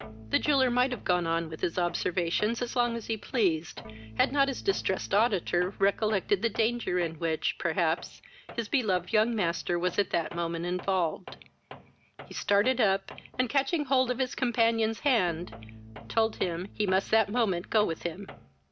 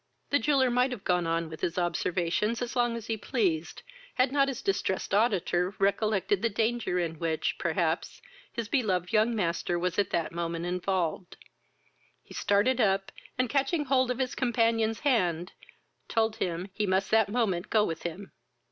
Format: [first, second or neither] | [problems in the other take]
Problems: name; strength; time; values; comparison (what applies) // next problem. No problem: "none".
second | background sound (Tools + Organ); 18 dB below the speech